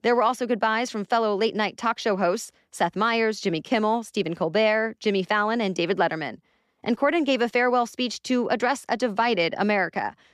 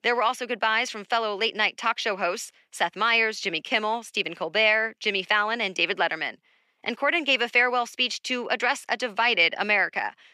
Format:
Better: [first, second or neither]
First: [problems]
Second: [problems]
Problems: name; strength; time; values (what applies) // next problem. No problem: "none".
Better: first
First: none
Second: thin; somewhat; fading below 750 Hz